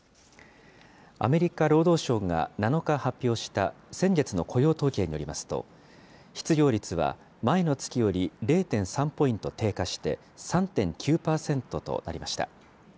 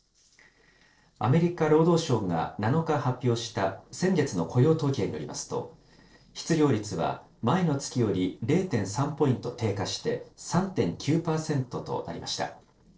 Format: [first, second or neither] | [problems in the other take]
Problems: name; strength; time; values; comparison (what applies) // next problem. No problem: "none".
first | noise reduction (neural separator model SepFormer DNS4)